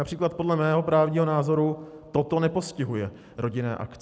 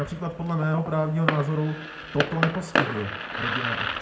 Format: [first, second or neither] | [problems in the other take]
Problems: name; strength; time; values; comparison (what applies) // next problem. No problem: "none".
first | background sound (Fireworks); 2 dB below the speech // room echo; dies away in 0.4 s